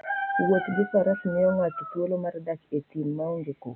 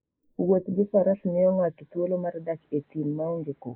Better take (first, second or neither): first